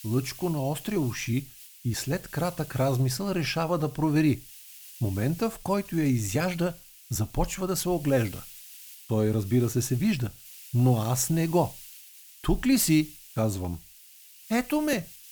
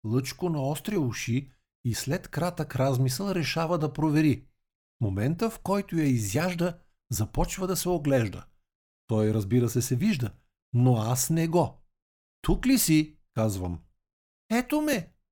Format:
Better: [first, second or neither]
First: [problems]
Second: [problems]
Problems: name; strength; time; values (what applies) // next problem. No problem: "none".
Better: second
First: hiss; noticeable; throughout; 15 dB below the speech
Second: none